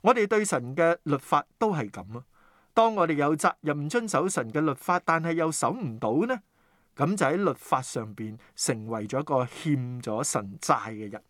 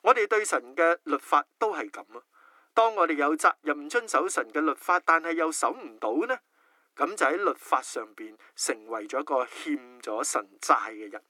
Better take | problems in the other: first | thin; somewhat; fading below 300 Hz

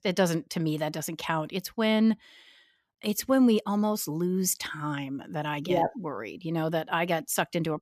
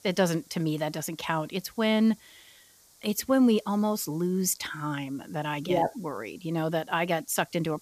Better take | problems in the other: first | hiss; faint; throughout; 25 dB below the speech

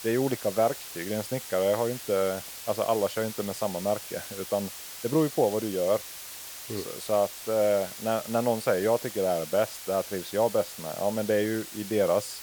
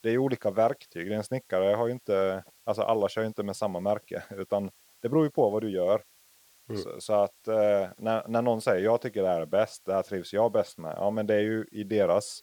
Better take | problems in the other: second | hiss; loud; throughout; 10 dB below the speech; faint in the second

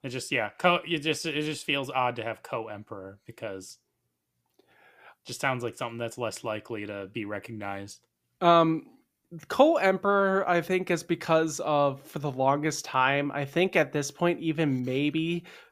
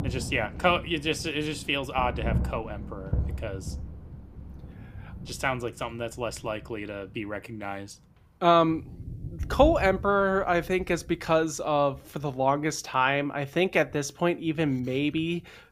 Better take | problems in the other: first | rain or running water; noticeable; throughout; 10 dB below the speech

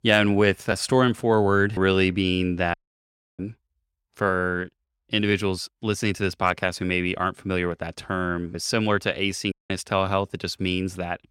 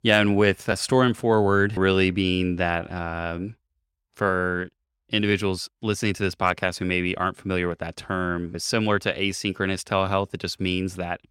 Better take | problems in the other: second | audio cutting out; at 2.5 s for 0.5 s and at 9.5 s

